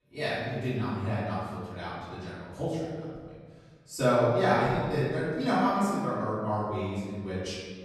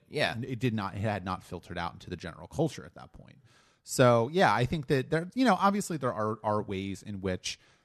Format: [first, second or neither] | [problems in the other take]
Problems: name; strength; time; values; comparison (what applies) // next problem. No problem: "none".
second | room echo; strong; dies away in 1.6 s // off-mic speech; far